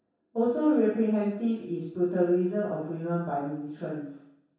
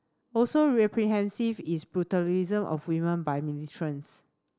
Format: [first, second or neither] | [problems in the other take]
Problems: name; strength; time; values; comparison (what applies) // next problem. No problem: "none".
second | room echo; dies away in 0.7 s